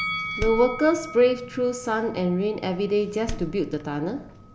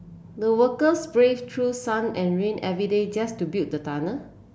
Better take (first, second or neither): second